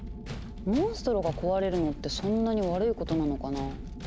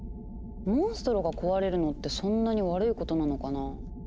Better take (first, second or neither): second